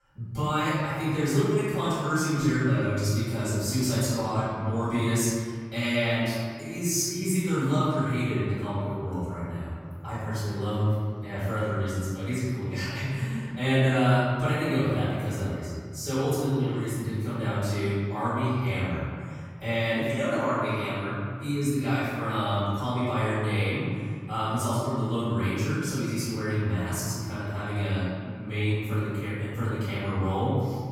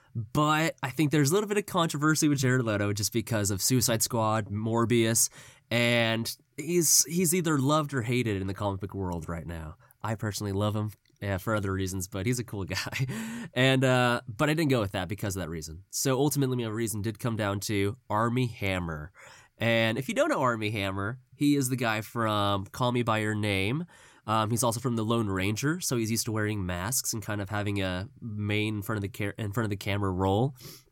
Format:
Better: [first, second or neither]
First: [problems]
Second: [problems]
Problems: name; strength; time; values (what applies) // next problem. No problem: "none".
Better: second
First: off-mic speech; far // room echo; strong; dies away in 2 s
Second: none